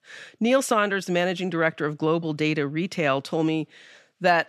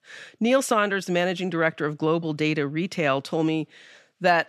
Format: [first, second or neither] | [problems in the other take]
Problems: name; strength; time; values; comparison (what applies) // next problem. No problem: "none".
neither | none